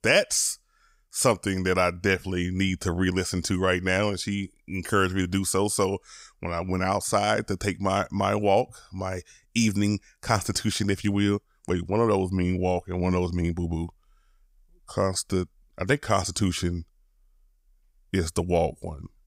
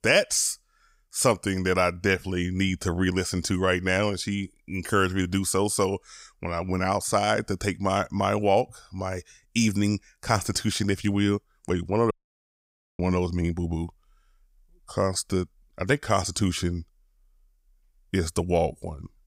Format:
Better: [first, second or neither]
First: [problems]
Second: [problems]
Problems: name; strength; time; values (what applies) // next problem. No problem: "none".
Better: first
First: none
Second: audio cutting out; at 12 s for 1 s